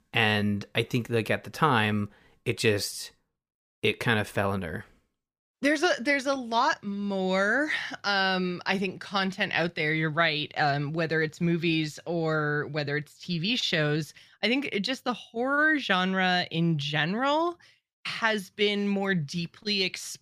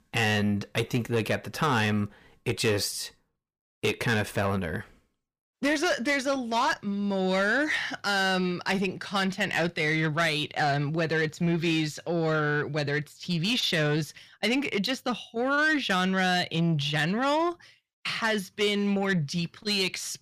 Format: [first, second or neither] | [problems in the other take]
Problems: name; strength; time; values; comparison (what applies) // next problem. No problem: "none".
first | distortion; slight; 10 dB below the speech